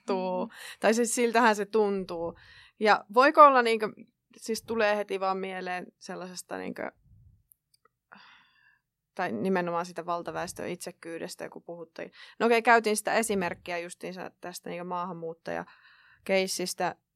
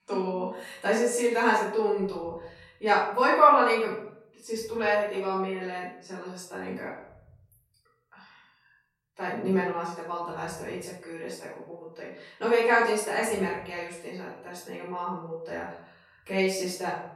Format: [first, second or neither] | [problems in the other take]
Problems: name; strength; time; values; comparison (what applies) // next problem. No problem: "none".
first | off-mic speech; far // room echo; noticeable; dies away in 0.6 s